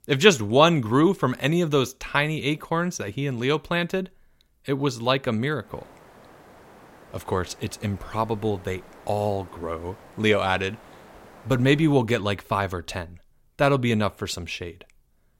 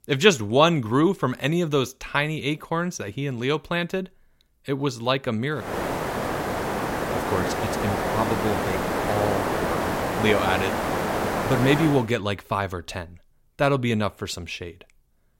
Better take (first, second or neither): first